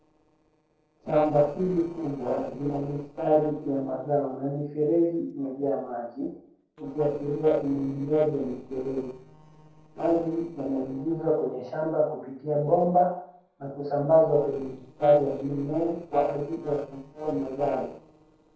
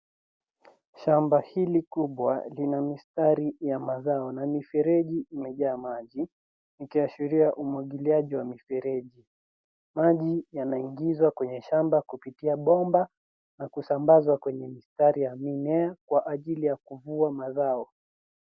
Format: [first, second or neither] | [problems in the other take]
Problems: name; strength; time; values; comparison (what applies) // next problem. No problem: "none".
second | noise reduction (neural separator model SepFormer DNS4)